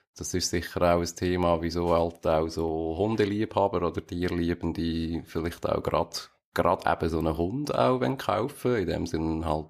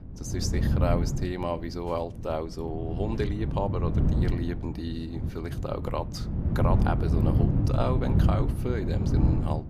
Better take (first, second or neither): first